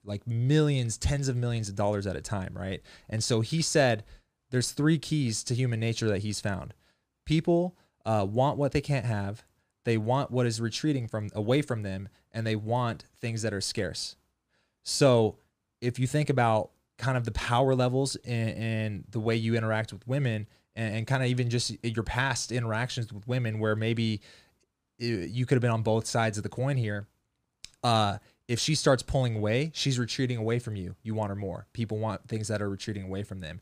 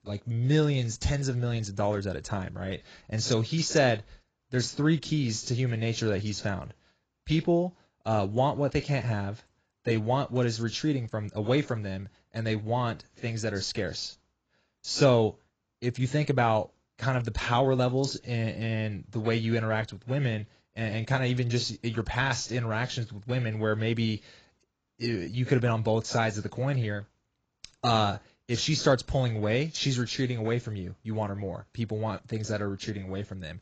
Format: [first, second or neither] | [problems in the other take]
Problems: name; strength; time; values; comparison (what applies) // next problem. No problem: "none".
first | garbled, watery; badly; nothing above 7.5 kHz